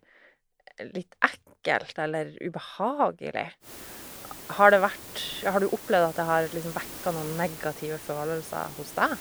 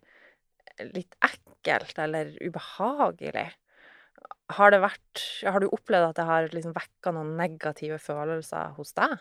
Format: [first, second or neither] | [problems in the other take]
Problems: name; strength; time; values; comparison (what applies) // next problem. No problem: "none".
second | hiss; noticeable; from 3.5 s on; 15 dB below the speech